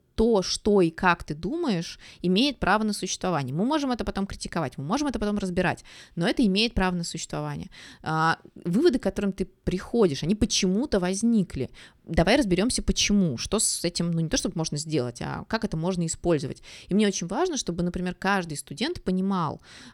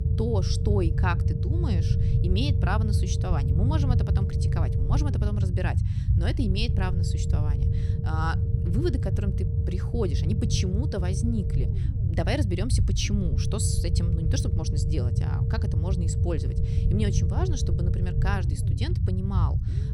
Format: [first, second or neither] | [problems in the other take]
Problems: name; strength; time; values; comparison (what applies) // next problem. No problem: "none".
first | low rumble; loud; throughout; 4 dB below the speech